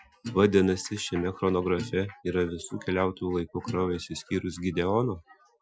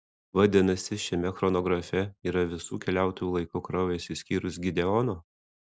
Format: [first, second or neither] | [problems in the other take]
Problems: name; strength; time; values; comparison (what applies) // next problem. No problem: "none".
second | noise reduction (classical method Wiener filter)